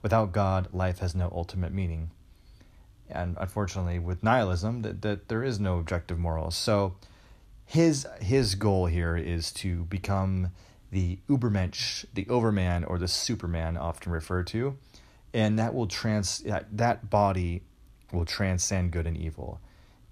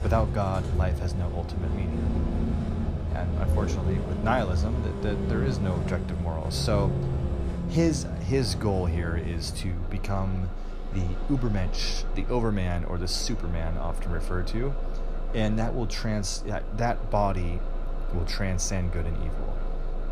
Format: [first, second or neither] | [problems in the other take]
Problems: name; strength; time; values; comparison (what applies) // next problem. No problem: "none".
first | traffic noise; loud; throughout; 2 dB below the speech